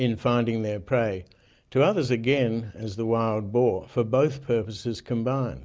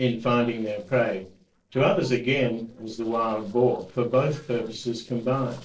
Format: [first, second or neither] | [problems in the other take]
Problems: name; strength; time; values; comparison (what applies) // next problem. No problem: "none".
first | noise reduction (neural separator model SepFormer DNS4)